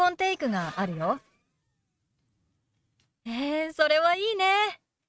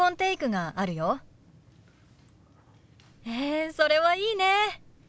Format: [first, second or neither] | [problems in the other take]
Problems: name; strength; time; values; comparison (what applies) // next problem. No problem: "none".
second | noise reduction (neural mask model RNNoise)